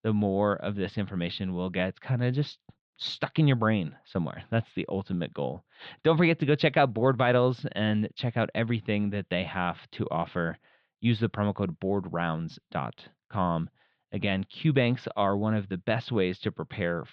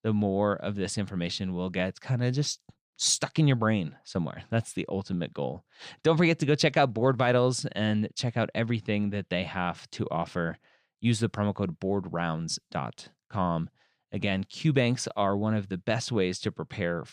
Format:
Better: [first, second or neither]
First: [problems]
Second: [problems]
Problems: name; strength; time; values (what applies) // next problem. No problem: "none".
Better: second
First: muffled; slightly; fading above 3.5 kHz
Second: none